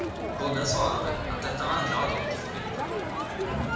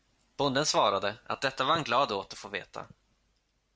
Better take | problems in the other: second | background sound (Crowd); 2 dB above the speech // room echo; dies away in 0.9 s

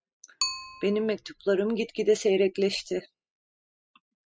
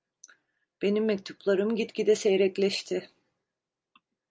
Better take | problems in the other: second | noise reduction (classical method spectral subtraction)

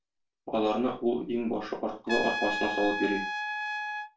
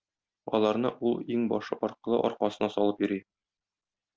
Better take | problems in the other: second | background sound (Trumpet); 5 dB below the speech // room echo; dies away in 0.2 s

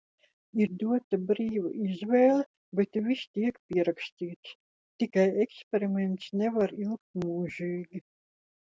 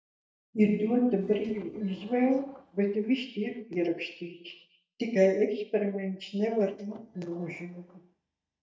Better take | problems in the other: first | noise reduction (neural mask model DeepFilterNet 3)

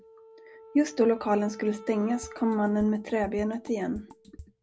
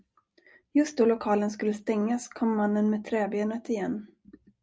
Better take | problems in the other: second | background sound (Drum kit + Wind instrument, woodwind instrument); 19 dB below the speech

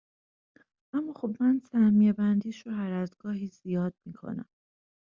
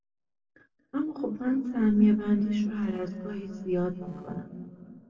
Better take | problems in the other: first | noise reduction (neural separator model SepFormer DNS4)

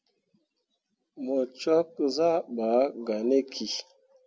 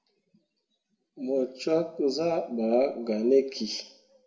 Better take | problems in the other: first | room echo; dies away in 0.5 s

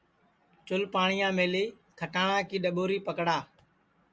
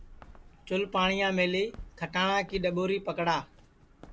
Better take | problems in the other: first | background sound (Walk, footsteps); 19 dB below the speech

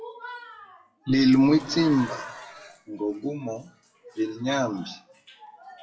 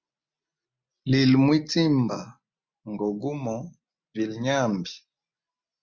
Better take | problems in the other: second | noise reduction (classical method WPE with log-MMSE)

